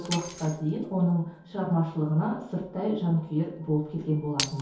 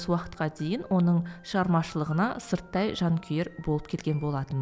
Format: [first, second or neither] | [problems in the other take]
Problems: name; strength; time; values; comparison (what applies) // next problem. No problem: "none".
second | background sound (Shatter); 14 dB below the speech // room echo; dies away in 0.6 s